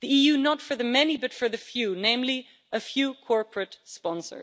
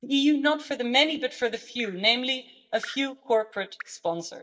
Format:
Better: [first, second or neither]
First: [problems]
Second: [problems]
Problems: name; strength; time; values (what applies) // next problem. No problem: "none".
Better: first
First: none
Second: noise reduction (neural mask model DeepFilterNet 3)